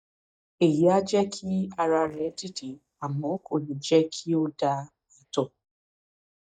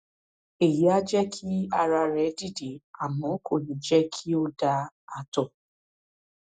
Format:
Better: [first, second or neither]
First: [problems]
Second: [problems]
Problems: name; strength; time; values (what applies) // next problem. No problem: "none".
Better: second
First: noise reduction (neural mask model DeepFilterNet 3)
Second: none